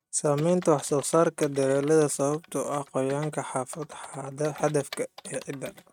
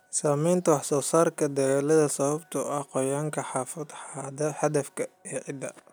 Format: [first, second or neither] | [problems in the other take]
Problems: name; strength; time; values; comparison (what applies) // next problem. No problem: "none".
second | noise reduction (neural mask model RNNoise)